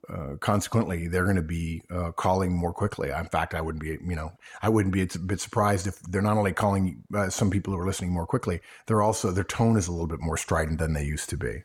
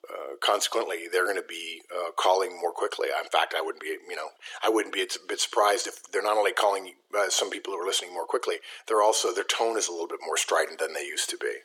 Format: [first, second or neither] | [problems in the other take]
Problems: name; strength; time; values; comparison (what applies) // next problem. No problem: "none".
first | thin; very; fading below 350 Hz